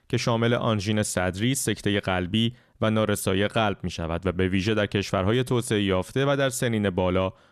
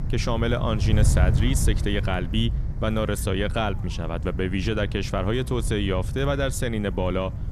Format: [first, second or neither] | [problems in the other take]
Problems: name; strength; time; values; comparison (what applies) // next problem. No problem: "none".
first | wind noise on the microphone; occasional gusts; 15 dB below the speech